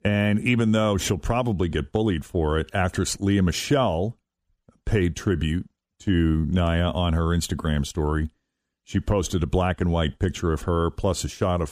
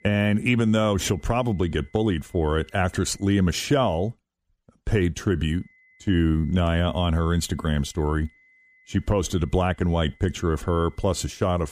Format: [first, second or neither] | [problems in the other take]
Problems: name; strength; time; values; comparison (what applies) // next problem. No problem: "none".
first | high-pitched whine; faint; until 4 s and from 5.5 s on; 2 kHz, 30 dB below the speech